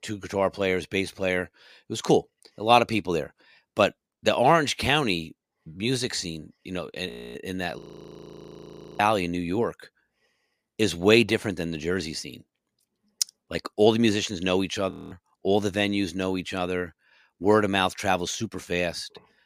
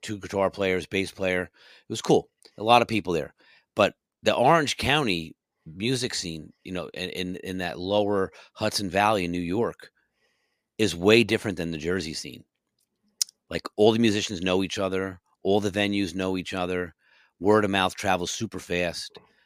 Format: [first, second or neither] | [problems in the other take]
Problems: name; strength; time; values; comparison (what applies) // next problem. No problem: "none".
second | audio freezing; at 7 s, at 8 s for 1 s and at 15 s